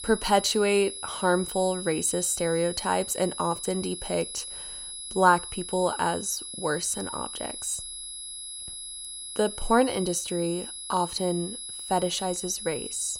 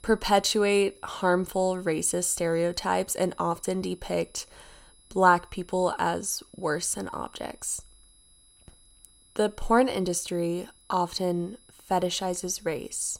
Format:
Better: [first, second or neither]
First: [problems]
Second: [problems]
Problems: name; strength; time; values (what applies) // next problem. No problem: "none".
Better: second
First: high-pitched whine; loud; throughout; 11 kHz, 8 dB below the speech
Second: high-pitched whine; faint; throughout; 11 kHz, 30 dB below the speech